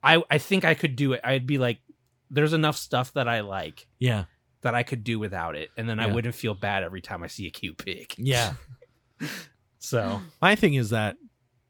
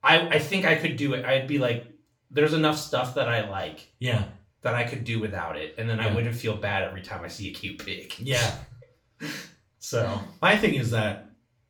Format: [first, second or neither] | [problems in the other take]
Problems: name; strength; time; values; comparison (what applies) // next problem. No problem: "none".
first | room echo; slight; dies away in 0.3 s // off-mic speech; somewhat distant